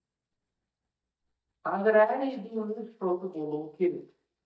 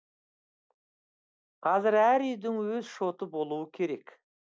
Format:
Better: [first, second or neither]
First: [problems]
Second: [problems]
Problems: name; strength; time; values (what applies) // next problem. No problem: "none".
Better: second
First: noise reduction (neural mask model DeepFilterNet 3)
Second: none